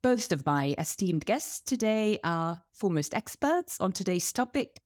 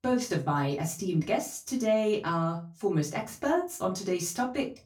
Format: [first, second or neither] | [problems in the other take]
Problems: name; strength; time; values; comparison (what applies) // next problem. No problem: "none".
first | off-mic speech; far // room echo; very slight; dies away in 0.2 s